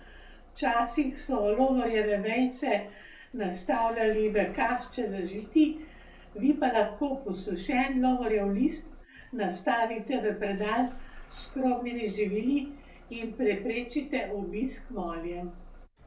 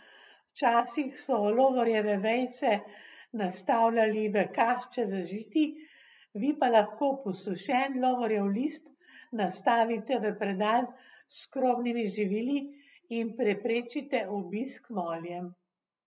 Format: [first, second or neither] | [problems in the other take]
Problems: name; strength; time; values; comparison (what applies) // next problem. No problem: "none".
second | background sound (Engine starting / Bus); 18 dB below the speech // room echo; dies away in 0.3 s